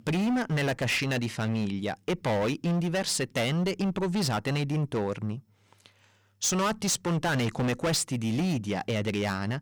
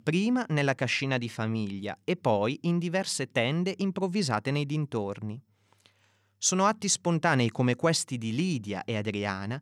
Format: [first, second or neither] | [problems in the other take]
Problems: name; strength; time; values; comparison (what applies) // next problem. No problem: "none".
second | distortion; heavy; 19% of the sound clipped